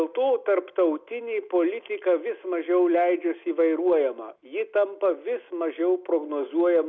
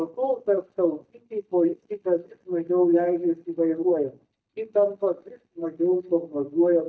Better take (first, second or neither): first